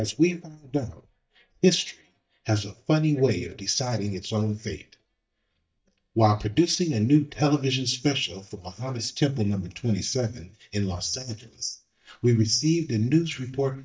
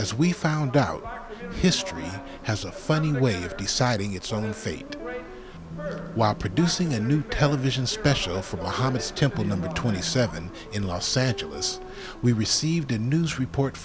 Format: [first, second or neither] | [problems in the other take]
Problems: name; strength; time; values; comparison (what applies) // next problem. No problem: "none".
second | noise reduction (neural mask model DeepFilterNet 3)